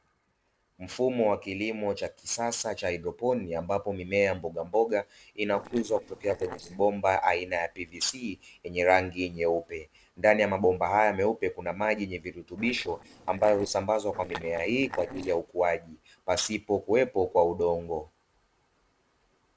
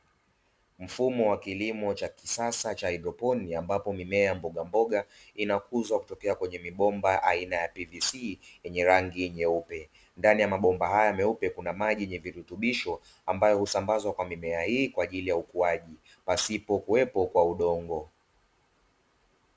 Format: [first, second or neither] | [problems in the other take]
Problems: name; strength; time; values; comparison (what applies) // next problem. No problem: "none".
second | noise reduction (neural separator model SepFormer DNS4)